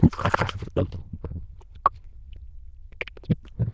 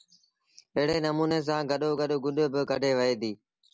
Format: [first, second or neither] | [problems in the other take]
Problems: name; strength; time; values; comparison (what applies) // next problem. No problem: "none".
second | noise reduction (neural diffusion model UNIVERSE++)